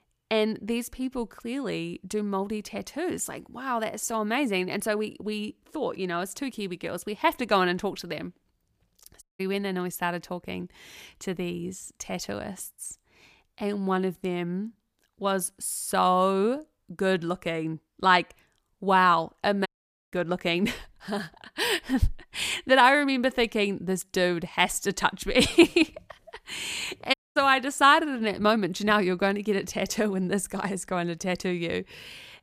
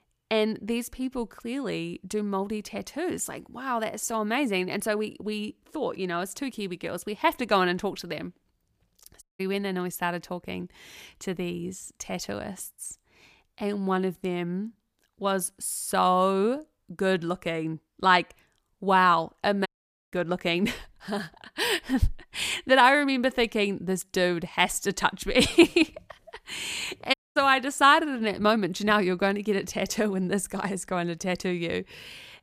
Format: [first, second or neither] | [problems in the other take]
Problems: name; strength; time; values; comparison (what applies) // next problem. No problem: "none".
neither | audio cutting out; at 9 s, at 20 s and at 27 s; the same in both